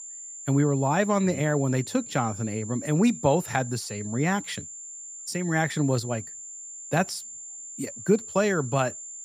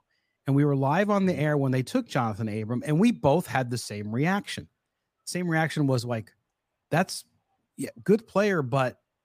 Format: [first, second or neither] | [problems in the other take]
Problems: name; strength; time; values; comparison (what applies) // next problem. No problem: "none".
second | high-pitched whine; noticeable; throughout; 7 kHz, 10 dB below the speech